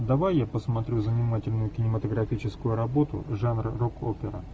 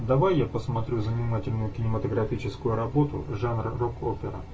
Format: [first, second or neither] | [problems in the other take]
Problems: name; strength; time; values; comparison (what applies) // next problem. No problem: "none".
first | room echo; dies away in 0.2 s